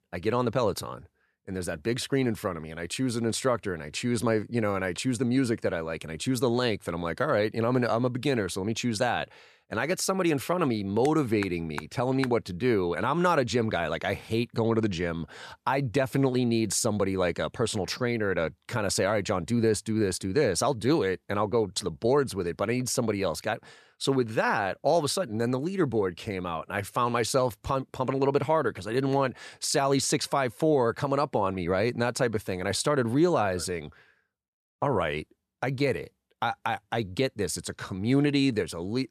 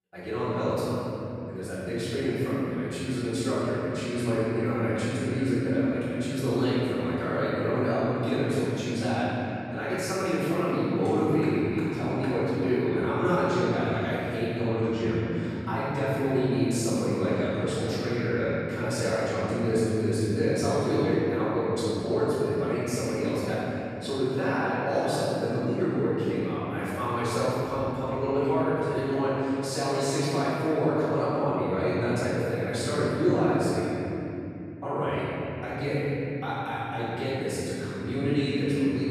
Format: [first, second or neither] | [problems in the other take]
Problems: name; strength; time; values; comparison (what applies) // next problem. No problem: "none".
first | off-mic speech; far // room echo; strong; dies away in 3 s